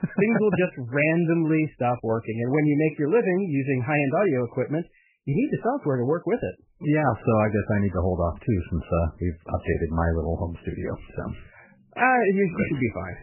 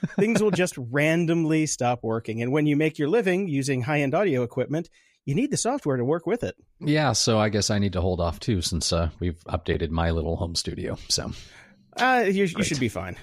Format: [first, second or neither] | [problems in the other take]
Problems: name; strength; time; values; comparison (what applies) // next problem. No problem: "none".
second | garbled, watery; badly; nothing above 2.5 kHz